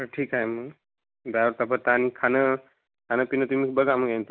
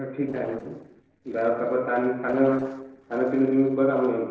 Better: first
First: none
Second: noise reduction (neural separator model SepFormer DNS4)

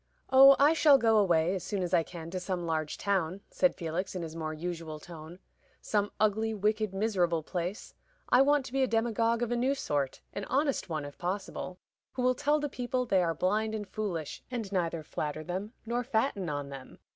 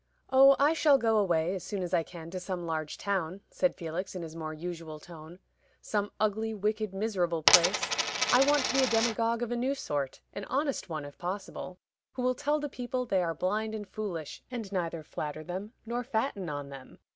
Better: first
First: none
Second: background sound (Coin (dropping)); 2 dB above the speech

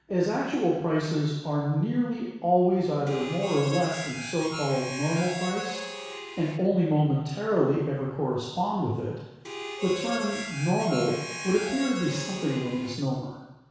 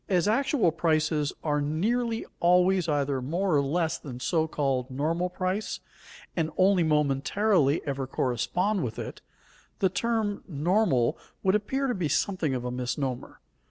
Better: second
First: background sound (Harmonica); 9 dB below the speech // room echo; dies away in 1.1 s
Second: none

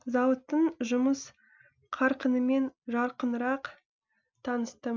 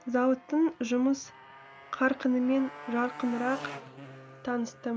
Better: first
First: none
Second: background sound (Motorcycle); 16 dB below the speech

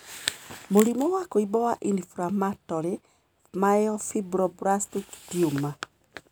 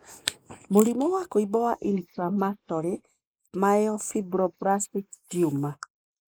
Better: first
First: none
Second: noise reduction (neural mask model Resemble Enhance denoiser)

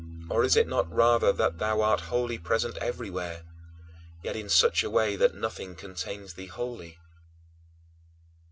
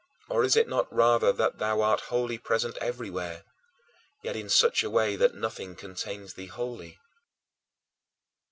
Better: second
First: background sound (Piano); 15 dB below the speech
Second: none

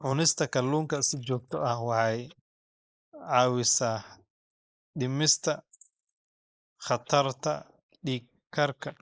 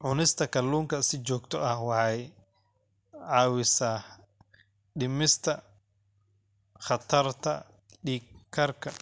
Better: second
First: noise reduction (neural mask model Resemble Enhance denoiser)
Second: none

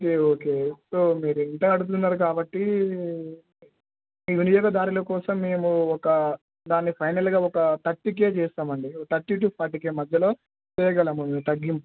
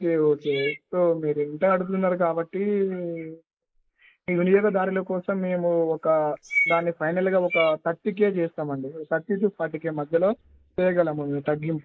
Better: first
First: none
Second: noise reduction (neural mask model Resemble Enhance denoiser)

